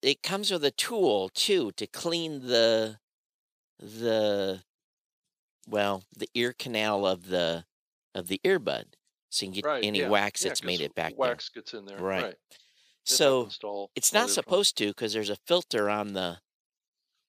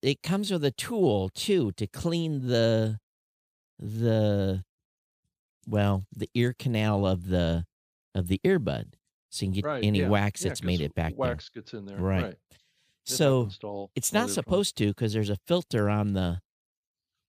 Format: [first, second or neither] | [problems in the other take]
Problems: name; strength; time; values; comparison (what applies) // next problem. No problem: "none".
second | thin; somewhat; fading below 400 Hz